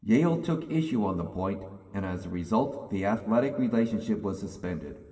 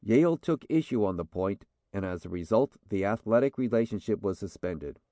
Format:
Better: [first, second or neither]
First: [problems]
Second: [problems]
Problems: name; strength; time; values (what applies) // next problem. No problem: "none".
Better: second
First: room echo; dies away in 1.8 s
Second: none